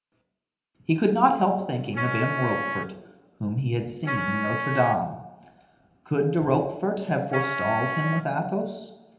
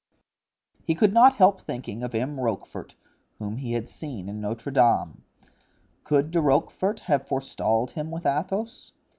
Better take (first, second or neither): second